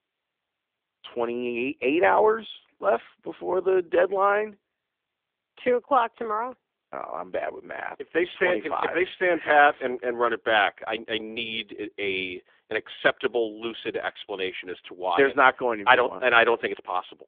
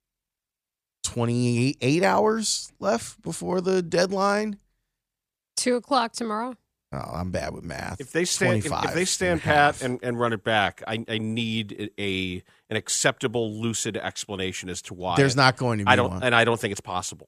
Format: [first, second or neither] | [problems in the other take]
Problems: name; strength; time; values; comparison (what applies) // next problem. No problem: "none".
second | phone-call audio; nothing above 3.5 kHz